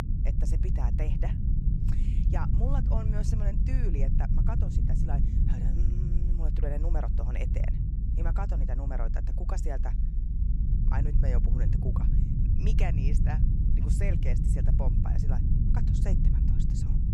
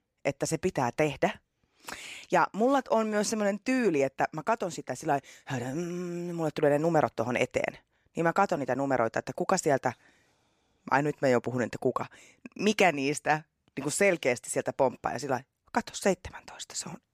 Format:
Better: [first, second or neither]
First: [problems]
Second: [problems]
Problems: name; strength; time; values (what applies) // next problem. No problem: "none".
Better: second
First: low rumble; loud; throughout; 1 dB below the speech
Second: none